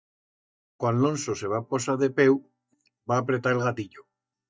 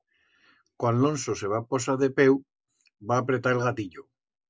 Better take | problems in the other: second | noise reduction (neural mask model DeepFilterNet 3)

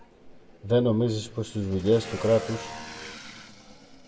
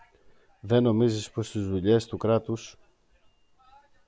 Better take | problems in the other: second | background sound (Motorcycle / Engine); 14 dB below the speech // room echo; dies away in 1.2 s

